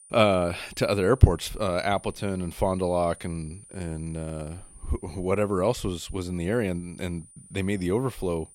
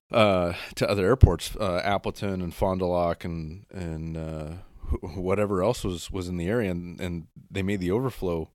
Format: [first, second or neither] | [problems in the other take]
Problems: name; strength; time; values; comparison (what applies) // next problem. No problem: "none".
second | high-pitched whine; faint; throughout; 9.5 kHz, 20 dB below the speech